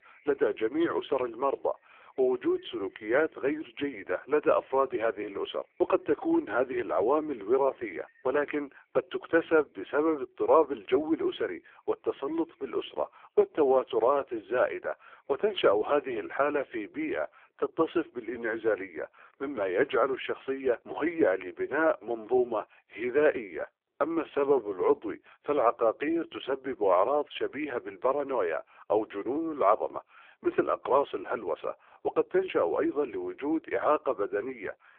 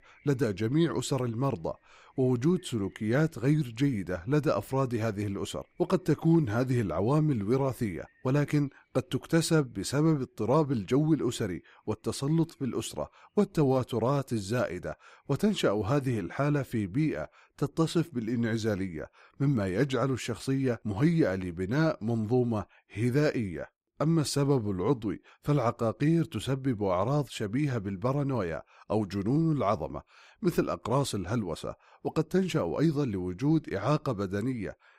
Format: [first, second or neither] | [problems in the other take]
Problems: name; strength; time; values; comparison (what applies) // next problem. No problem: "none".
second | phone-call audio; poor line; nothing above 3.5 kHz